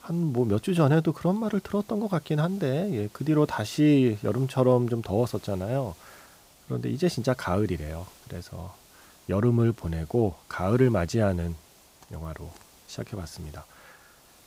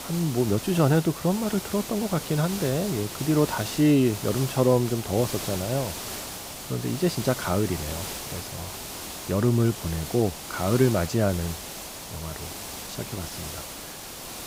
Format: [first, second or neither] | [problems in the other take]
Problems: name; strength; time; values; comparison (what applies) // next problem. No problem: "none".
first | hiss; loud; throughout; 9 dB below the speech; faint in the first